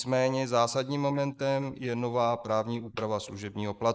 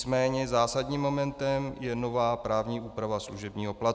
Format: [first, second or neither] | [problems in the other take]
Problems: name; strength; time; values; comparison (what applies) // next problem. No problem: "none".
second | noise reduction (neural mask model Resemble Enhance denoiser)